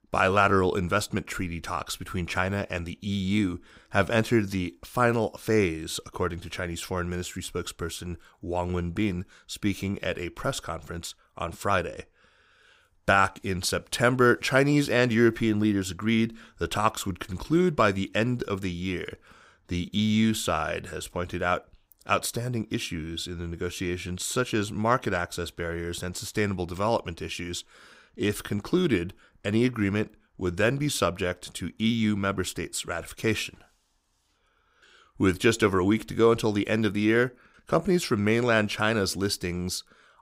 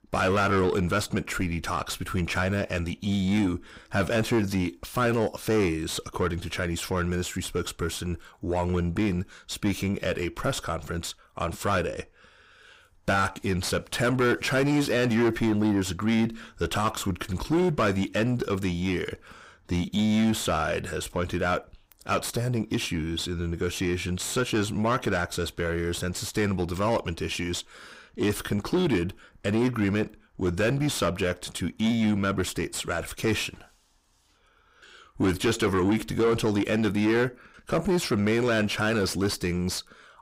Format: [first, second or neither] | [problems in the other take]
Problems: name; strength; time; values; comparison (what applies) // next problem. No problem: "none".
first | distortion; heavy; 7 dB below the speech